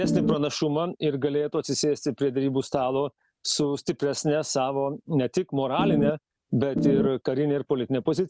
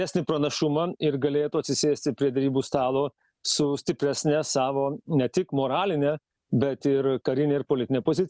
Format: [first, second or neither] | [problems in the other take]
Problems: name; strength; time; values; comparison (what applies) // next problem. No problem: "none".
second | background sound (Organ); 3 dB above the speech